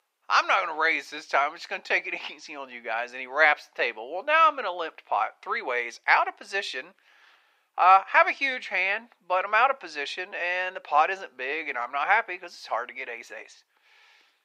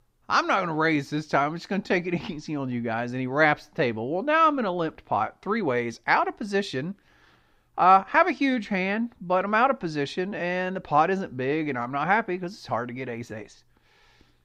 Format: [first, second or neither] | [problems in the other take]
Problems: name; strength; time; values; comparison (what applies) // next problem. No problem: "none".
second | thin; very; fading below 550 Hz